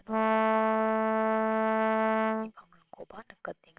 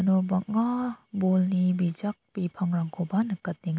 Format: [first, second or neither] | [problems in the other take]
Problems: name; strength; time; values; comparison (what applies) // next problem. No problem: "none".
second | noise reduction (neural separator model SepFormer WHAMR!)